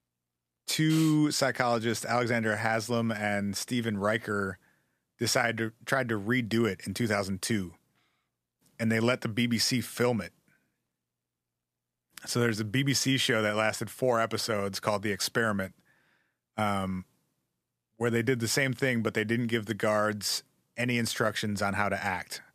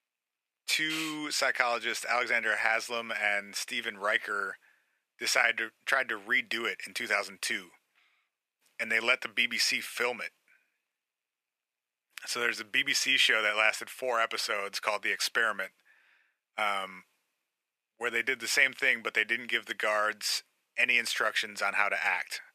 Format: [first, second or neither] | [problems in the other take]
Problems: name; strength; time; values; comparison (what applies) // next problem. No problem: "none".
first | thin; very; fading below 550 Hz